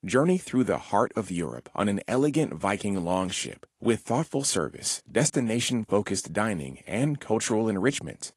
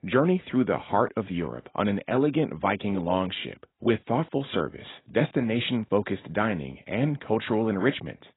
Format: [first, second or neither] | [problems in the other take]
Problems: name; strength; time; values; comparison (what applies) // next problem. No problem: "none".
first | garbled, watery; badly; nothing above 4 kHz; slightly in the first